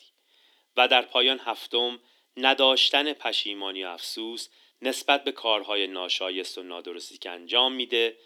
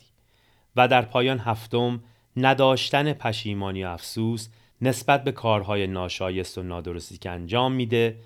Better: second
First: thin; somewhat; fading below 300 Hz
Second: none

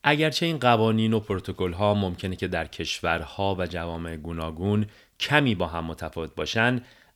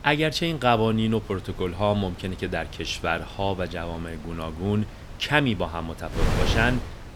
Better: first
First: none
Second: wind noise on the microphone; occasional gusts; 15 dB below the speech

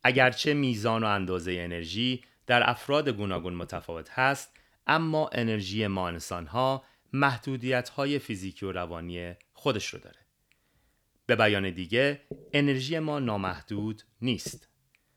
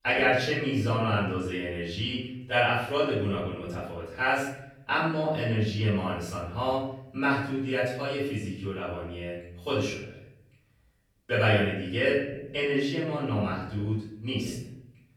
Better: first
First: none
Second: room echo; noticeable; dies away in 0.8 s // off-mic speech; far

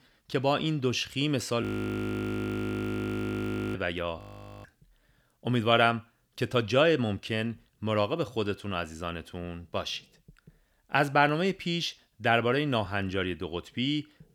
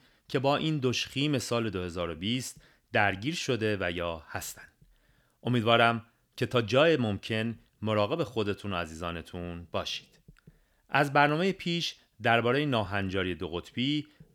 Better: second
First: audio freezing; at 1.5 s for 2 s and at 4 s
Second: none

